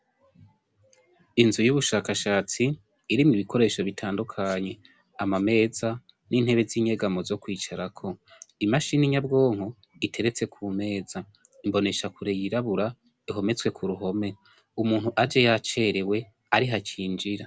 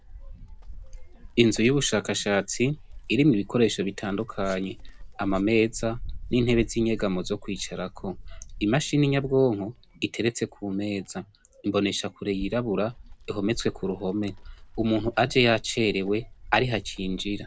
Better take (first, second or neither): first